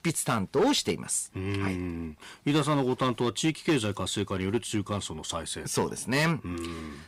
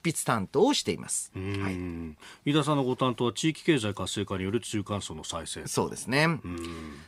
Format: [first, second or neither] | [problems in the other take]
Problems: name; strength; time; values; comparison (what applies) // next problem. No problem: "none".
second | distortion; slight; 4% of the sound clipped